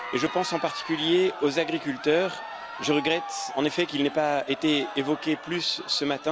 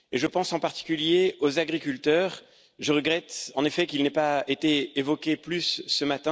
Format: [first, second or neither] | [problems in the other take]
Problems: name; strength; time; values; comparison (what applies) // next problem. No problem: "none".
second | background sound (Crowd); 11 dB below the speech